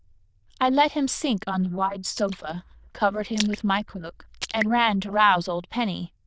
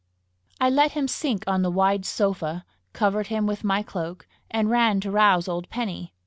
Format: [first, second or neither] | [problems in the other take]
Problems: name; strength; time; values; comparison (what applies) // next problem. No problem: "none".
second | noise reduction (neural diffusion model UNIVERSE++)